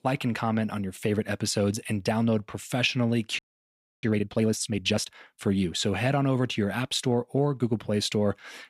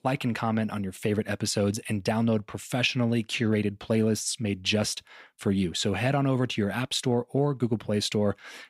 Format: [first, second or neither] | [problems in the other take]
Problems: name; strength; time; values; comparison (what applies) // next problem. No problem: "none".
second | audio freezing; at 3.5 s for 0.5 s